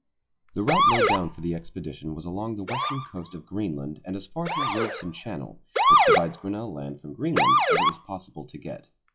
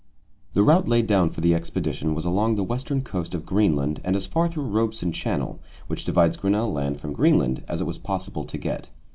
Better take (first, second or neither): second